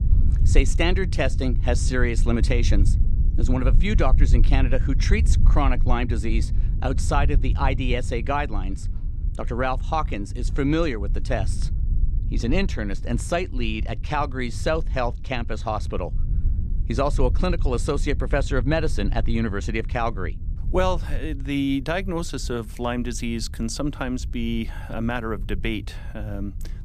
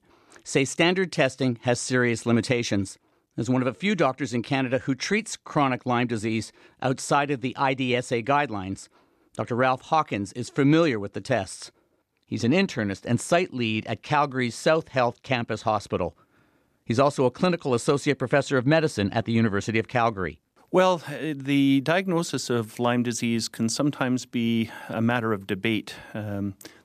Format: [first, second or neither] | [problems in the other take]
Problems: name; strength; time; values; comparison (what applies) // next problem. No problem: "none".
second | low rumble; noticeable; throughout; 15 dB below the speech